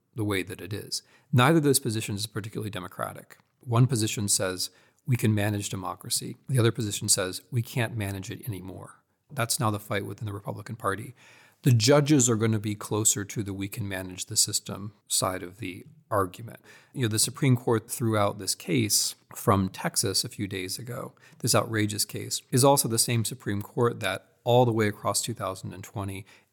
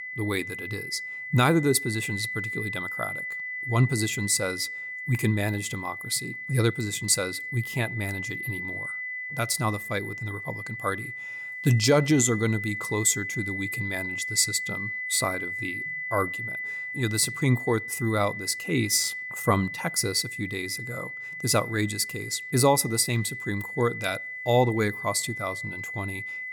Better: first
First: none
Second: high-pitched whine; loud; throughout; 2 kHz, 6 dB below the speech

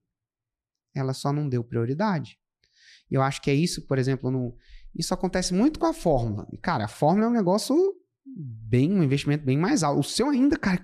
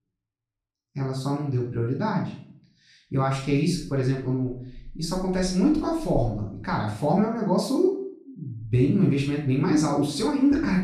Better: first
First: none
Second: off-mic speech; far // room echo; noticeable; dies away in 0.5 s

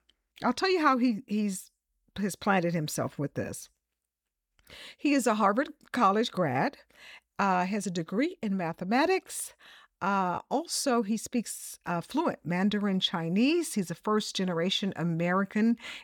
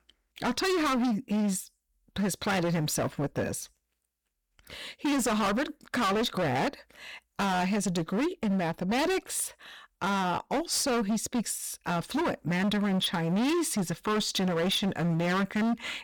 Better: first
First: none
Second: distortion; heavy; 22% of the sound clipped

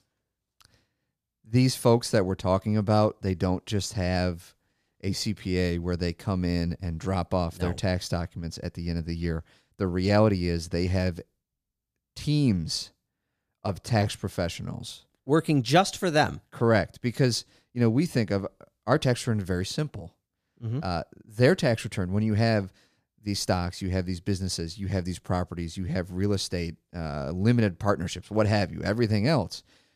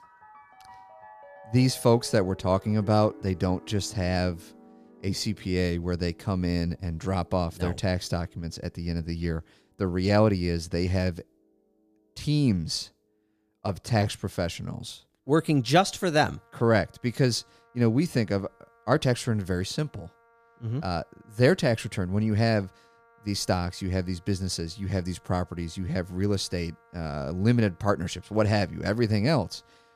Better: first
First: none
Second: background music; faint; throughout; 25 dB below the speech

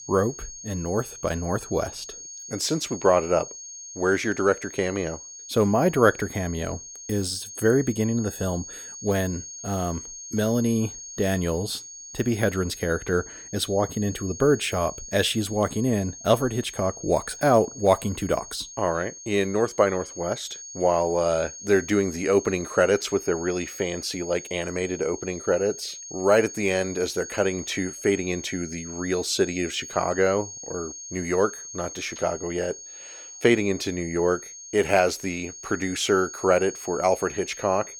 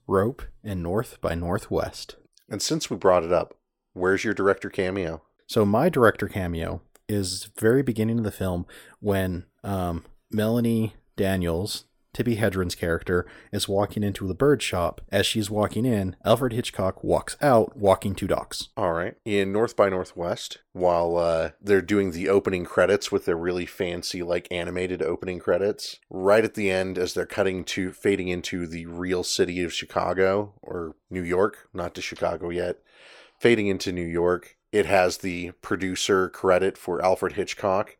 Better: second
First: high-pitched whine; noticeable; throughout; 6.5 kHz, 10 dB below the speech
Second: none

